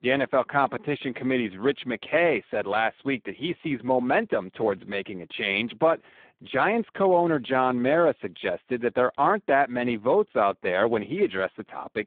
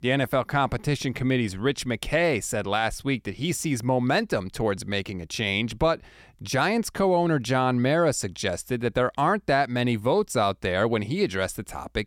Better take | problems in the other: second | phone-call audio; poor line

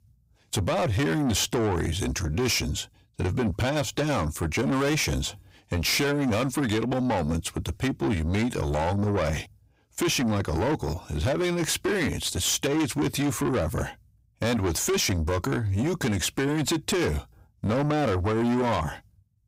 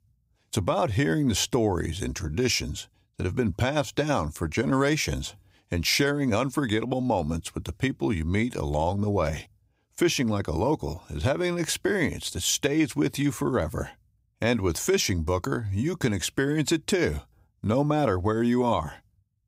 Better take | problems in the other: second | distortion; heavy; 8 dB below the speech

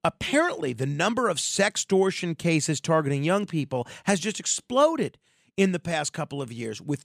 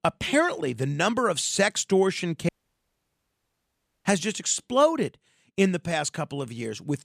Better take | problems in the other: first | audio cutting out; at 2.5 s for 1.5 s

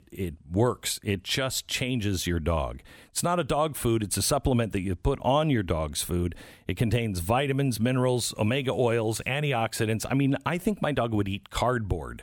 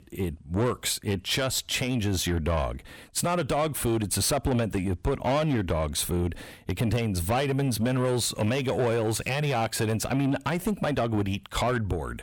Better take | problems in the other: first | distortion; slight; 10 dB below the speech

